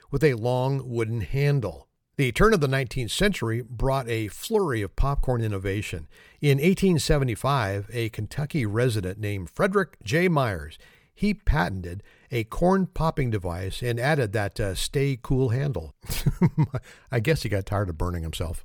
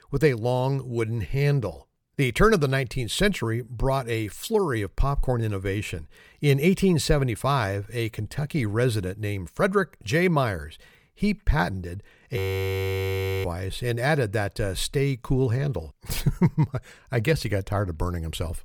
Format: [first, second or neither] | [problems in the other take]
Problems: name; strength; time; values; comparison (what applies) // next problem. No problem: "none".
first | audio freezing; at 12 s for 1 s